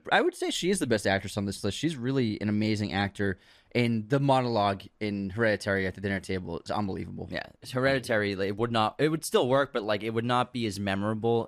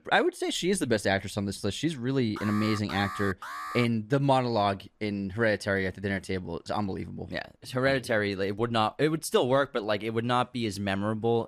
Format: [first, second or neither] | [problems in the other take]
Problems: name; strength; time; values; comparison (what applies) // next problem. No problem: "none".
first | alarm; noticeable; from 2.5 to 4 s; peak 8 dB below the speech